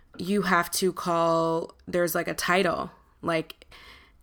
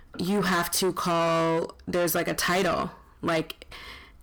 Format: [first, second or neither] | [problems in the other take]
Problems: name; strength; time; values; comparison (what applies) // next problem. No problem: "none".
first | distortion; heavy; 7 dB below the speech